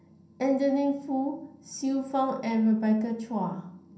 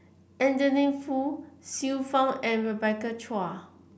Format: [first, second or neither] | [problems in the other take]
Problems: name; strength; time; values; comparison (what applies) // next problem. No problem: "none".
second | room echo; dies away in 0.6 s